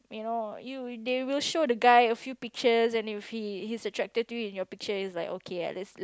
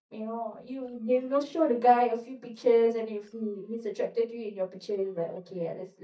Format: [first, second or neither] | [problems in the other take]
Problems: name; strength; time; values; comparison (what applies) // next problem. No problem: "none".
first | noise reduction (neural mask model DeepFilterNet 3)